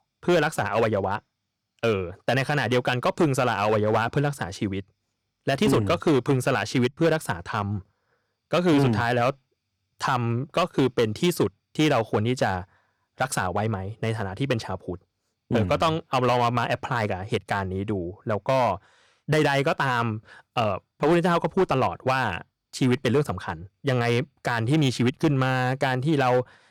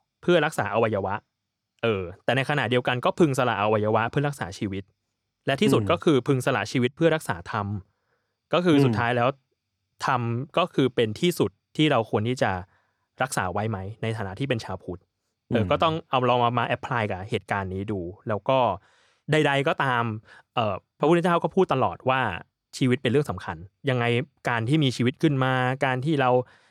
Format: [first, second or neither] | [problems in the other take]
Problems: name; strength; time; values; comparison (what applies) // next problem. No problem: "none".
second | distortion; slight; 5% of the sound clipped